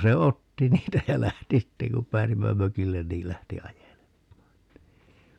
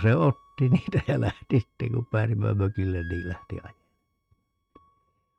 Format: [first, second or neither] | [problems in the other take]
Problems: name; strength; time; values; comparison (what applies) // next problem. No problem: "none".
first | noise reduction (neural mask model RNNoise)